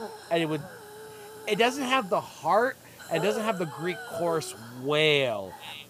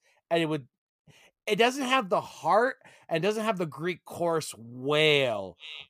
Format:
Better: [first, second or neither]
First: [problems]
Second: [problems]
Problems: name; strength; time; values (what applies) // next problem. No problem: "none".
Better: second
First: hiss; noticeable; throughout; 15 dB below the speech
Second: none